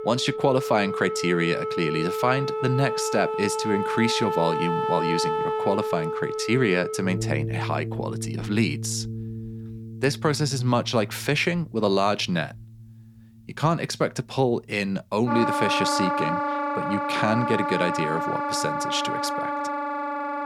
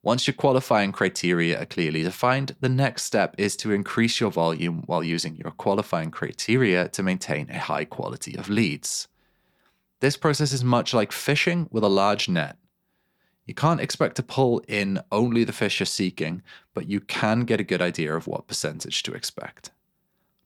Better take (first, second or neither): second